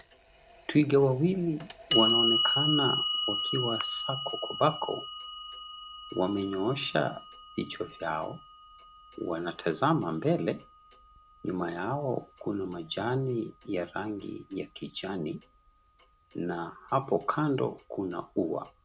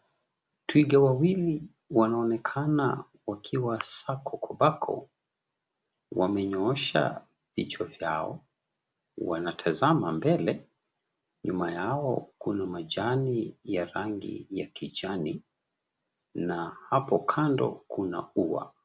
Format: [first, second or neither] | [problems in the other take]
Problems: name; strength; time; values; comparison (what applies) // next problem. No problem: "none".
second | background sound (Clock); 5 dB below the speech